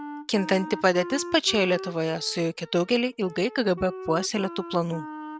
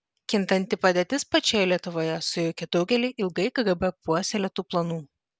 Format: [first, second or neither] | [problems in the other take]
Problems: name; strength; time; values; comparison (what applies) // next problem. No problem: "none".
second | background sound (Wind instrument, woodwind instrument); 12 dB below the speech